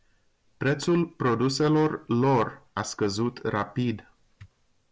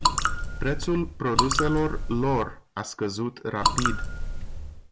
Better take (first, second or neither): first